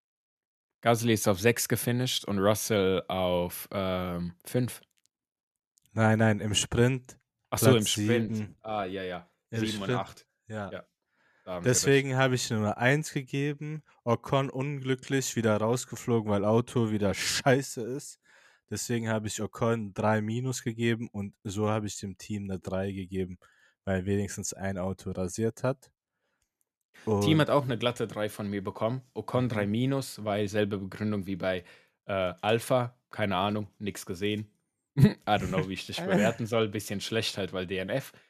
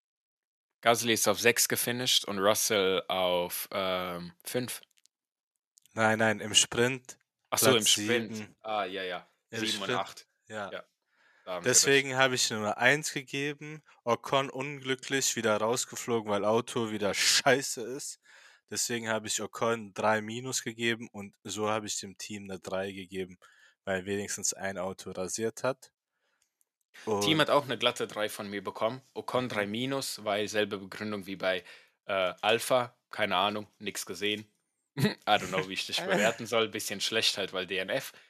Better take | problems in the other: first | thin; somewhat; fading below 1 kHz

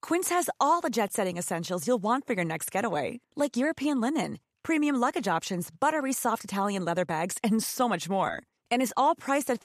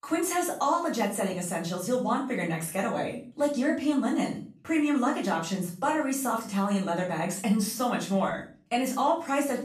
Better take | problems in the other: first | room echo; slight; dies away in 0.4 s // off-mic speech; far

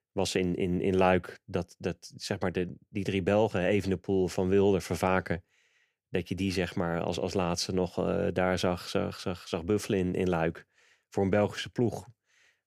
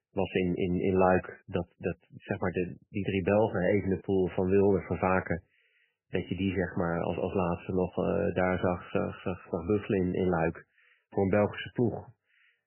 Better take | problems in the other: first | garbled, watery; badly; nothing above 3 kHz

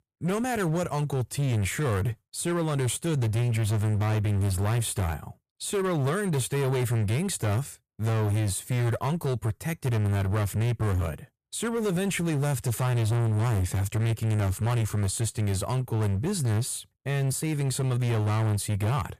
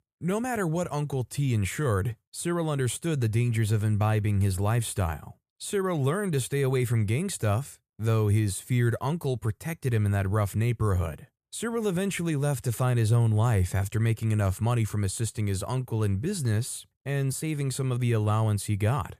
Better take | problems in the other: second | distortion; slight; 29% of the sound clipped

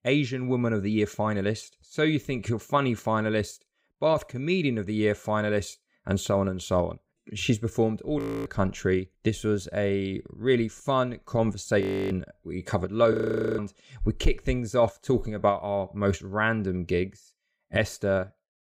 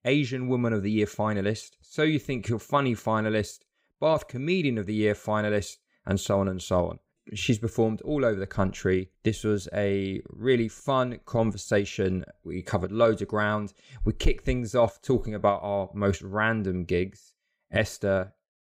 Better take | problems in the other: second | audio freezing; at 8 s, at 12 s and at 13 s

